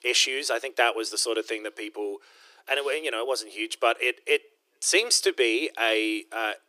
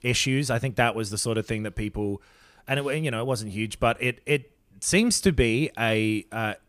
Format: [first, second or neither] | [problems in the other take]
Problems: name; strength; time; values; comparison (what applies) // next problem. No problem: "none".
second | thin; very; fading below 350 Hz